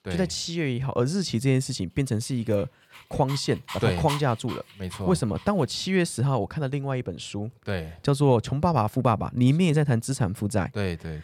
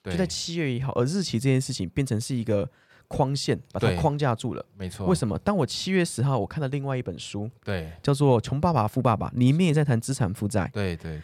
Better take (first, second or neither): second